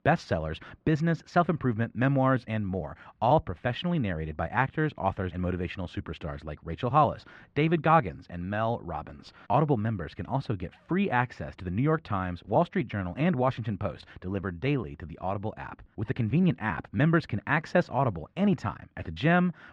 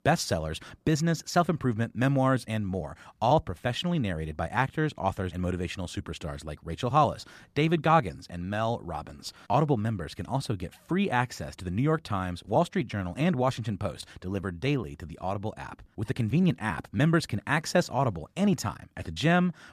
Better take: second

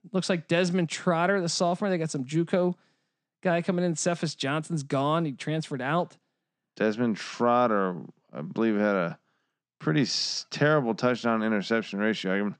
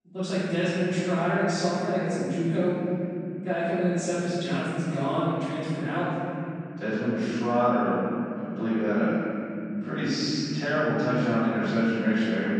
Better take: first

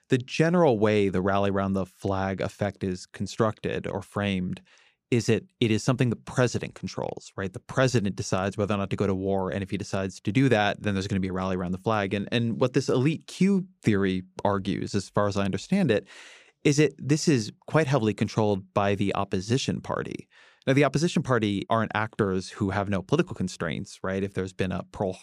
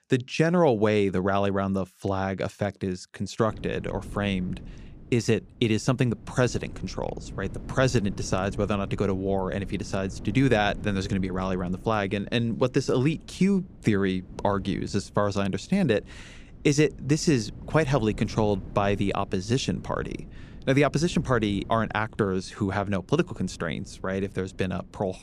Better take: first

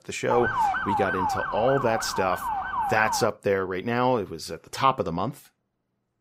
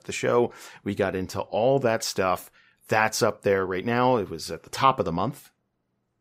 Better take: second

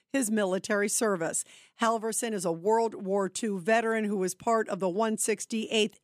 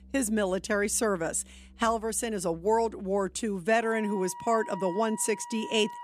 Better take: first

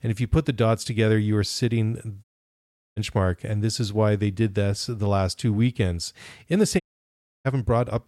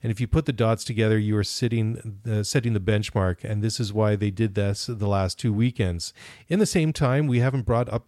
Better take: second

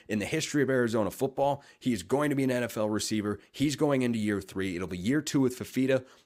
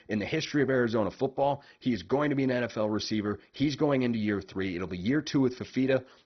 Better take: first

